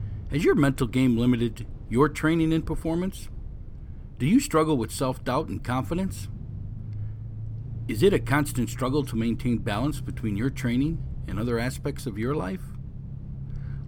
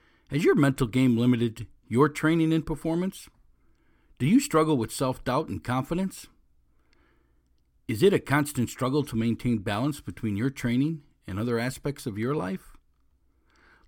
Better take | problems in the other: second | low rumble; faint; throughout; 20 dB below the speech

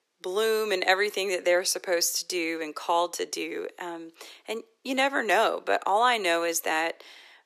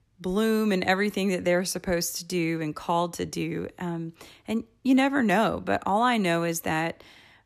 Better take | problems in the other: second | thin; very; fading below 400 Hz

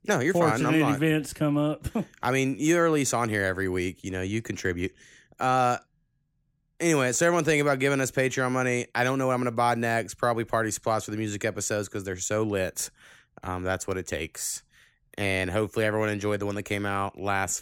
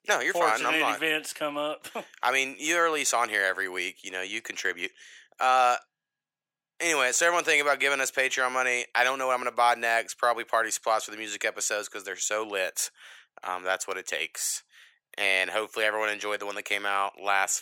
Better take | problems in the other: first | thin; very; fading below 750 Hz

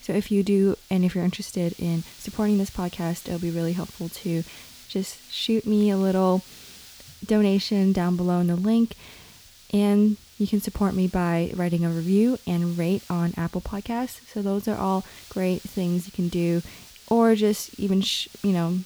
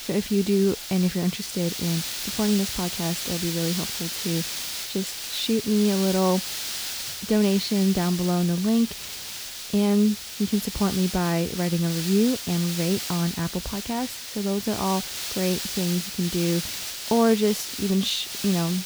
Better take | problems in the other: first | hiss; loud; throughout; 5 dB below the speech; faint in the first

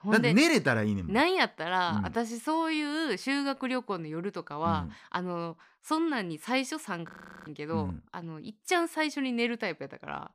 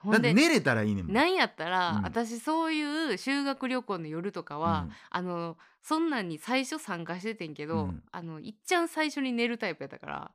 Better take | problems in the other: second | audio freezing; at 7 s

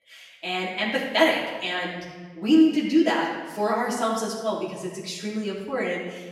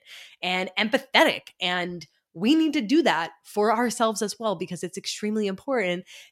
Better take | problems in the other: second | off-mic speech; far // room echo; noticeable; dies away in 1.1 s

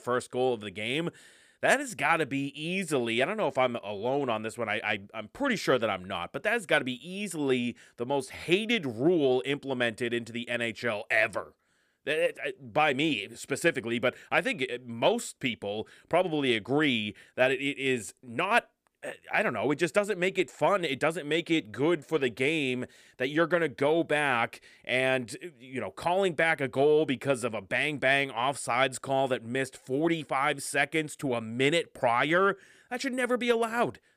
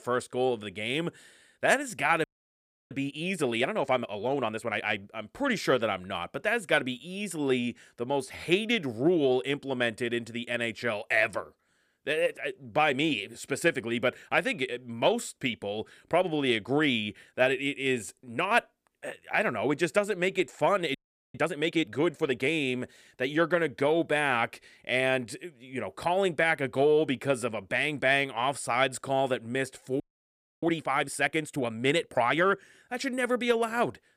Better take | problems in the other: first | audio freezing; at 2 s for 0.5 s, at 21 s and at 30 s for 0.5 s

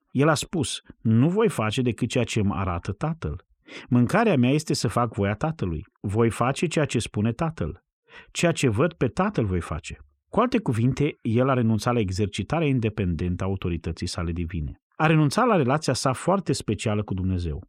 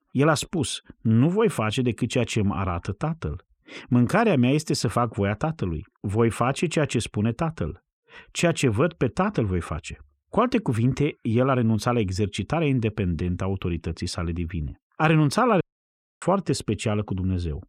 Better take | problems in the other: first | audio cutting out; at 16 s for 0.5 s

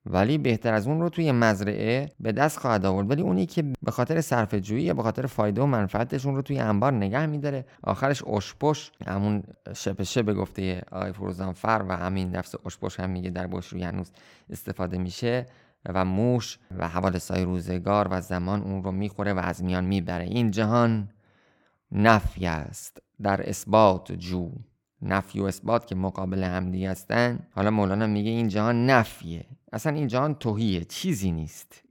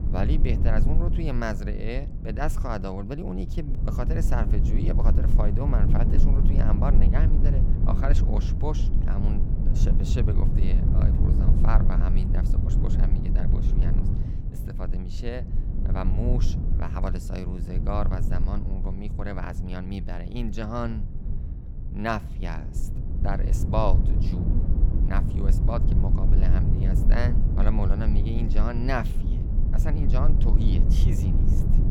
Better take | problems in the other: first | low rumble; loud; throughout; 5 dB below the speech

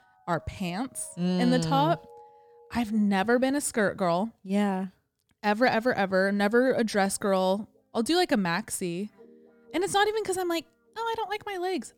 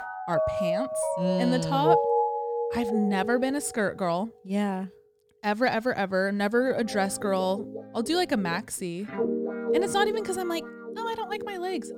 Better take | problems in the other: first | background music; loud; throughout; 2 dB below the speech; faint in the first

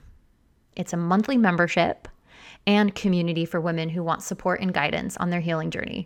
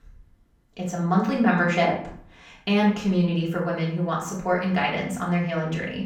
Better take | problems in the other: first | off-mic speech; far // room echo; slight; dies away in 0.5 s

